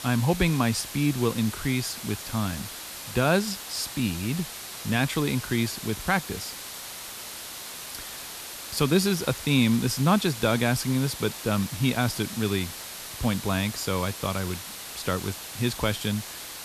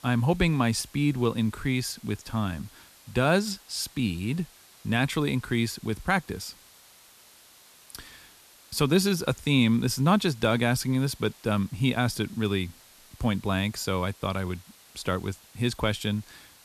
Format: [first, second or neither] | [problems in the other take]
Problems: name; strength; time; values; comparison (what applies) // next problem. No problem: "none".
second | hiss; loud; throughout; 9 dB below the speech; faint in the second